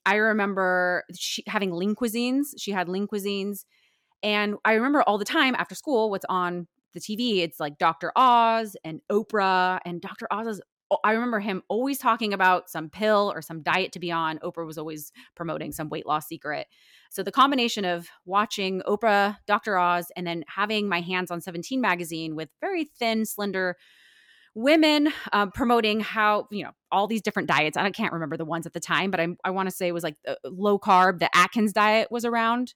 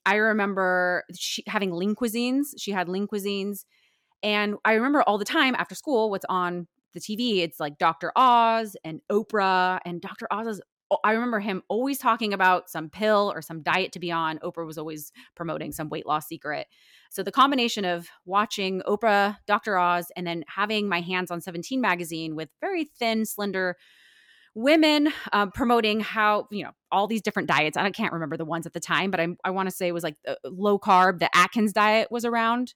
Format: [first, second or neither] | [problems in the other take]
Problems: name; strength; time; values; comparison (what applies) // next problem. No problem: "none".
neither | none